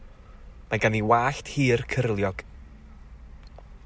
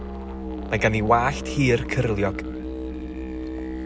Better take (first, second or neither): first